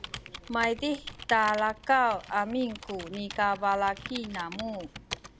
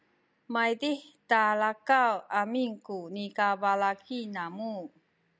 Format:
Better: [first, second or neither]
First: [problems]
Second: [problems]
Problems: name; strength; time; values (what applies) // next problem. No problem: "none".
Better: second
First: background sound (Computer keyboard); 14 dB below the speech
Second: none